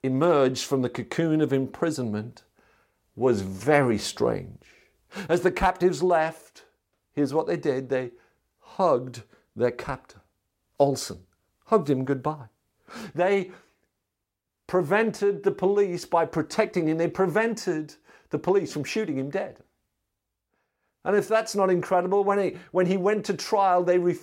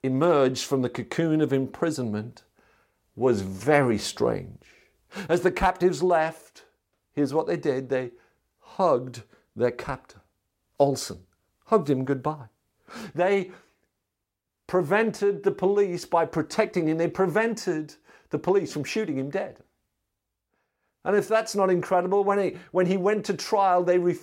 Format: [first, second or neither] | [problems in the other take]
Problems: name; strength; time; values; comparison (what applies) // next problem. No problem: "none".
neither | none